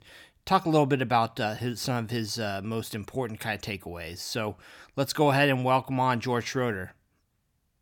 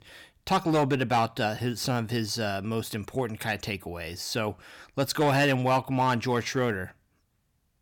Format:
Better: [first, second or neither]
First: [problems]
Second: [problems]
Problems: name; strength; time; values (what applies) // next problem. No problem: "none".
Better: first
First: none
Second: distortion; slight; 4% of the sound clipped